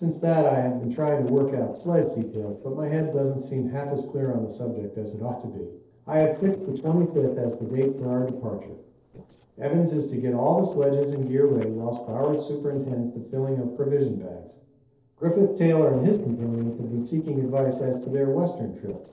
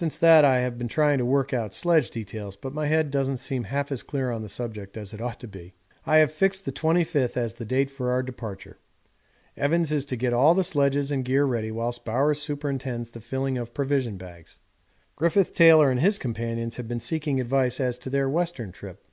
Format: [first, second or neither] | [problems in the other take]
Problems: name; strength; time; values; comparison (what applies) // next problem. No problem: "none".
second | noise reduction (neural separator model SepFormer DNS4)